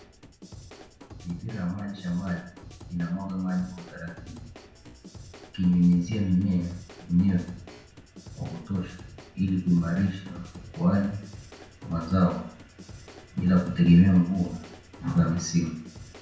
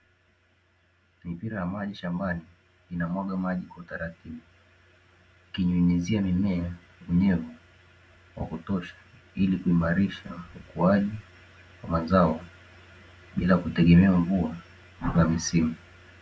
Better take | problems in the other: second | background sound (Drum / Drum kit); 19 dB below the speech // room echo; dies away in 0.5 s

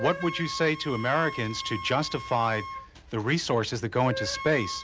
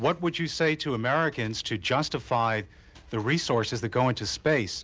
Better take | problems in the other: second | background sound (Wind instrument, woodwind instrument); 11 dB below the speech

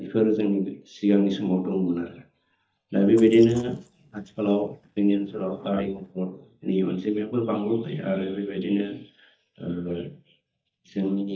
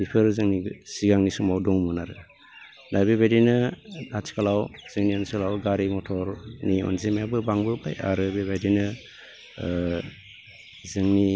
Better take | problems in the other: second | noise reduction (neural mask model DeepFilterNet 3)

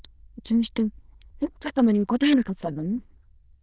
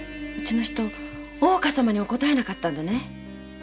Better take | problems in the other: second | noise reduction (neural diffusion model UNIVERSE++)

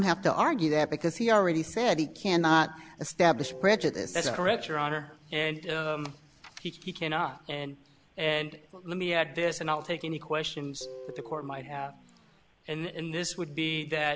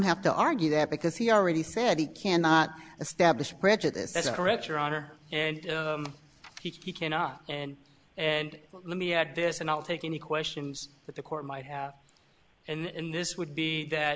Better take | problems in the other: second | background sound (Guitar); 17 dB below the speech

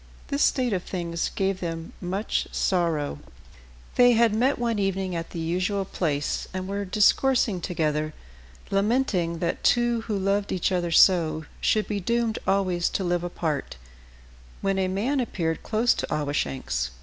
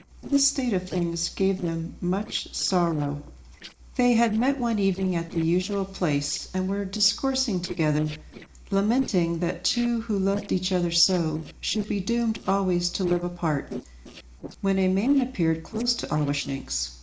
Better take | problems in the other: first | noise reduction (neural separator model SepFormer DNS4)

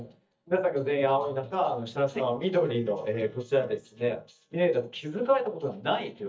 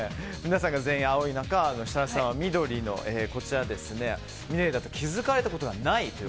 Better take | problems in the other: second | noise reduction (neural mask model DeepFilterNet 3)

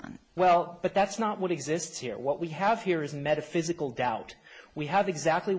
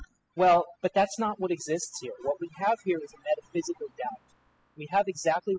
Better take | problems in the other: first | noise reduction (classical method spectral subtraction)

